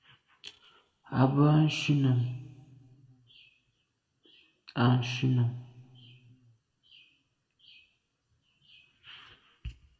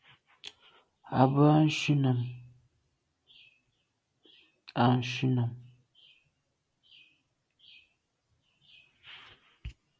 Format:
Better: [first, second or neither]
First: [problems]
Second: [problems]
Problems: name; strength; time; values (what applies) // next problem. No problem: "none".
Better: second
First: room echo; dies away in 1.3 s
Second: none